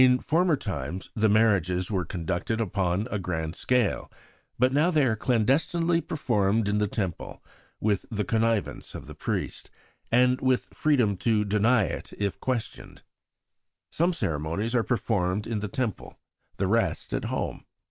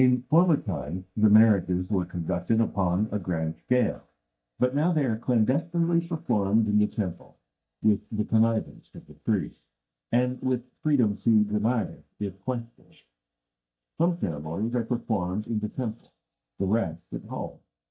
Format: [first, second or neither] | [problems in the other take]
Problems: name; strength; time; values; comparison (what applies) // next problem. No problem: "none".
first | noise reduction (neural mask model DeepFilterNet 3)